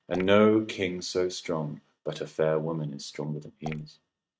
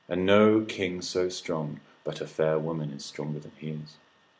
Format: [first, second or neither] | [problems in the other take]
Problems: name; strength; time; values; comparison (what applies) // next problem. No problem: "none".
second | noise reduction (neural mask model RNNoise)